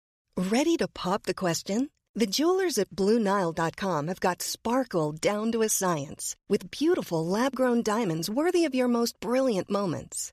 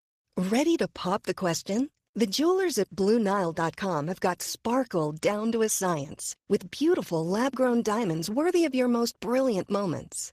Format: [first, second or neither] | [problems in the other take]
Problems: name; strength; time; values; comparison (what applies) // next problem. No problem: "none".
first | garbled, watery; slightly; nothing above 14.5 kHz